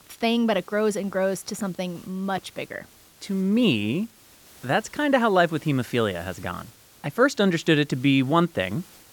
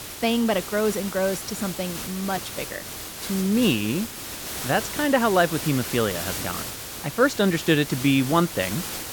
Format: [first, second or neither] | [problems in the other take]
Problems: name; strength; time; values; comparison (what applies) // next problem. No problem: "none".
first | hiss; loud; throughout; 8 dB below the speech; faint in the first